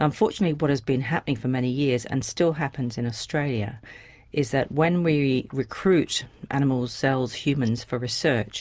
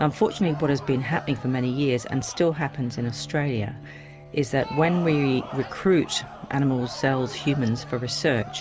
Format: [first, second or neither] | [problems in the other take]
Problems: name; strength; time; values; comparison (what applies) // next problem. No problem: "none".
first | background sound (Bowed string instrument + Crowd); 15 dB below the speech